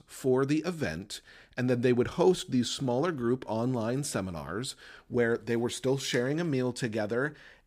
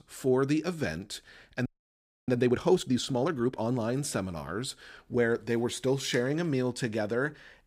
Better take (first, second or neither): first